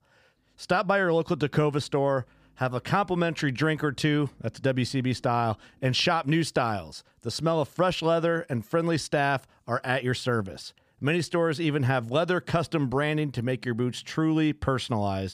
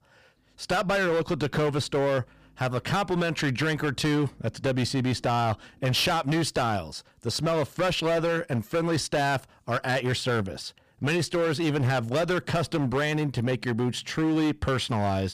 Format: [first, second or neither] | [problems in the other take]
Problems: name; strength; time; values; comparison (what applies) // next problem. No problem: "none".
first | distortion; heavy; 18% of the sound clipped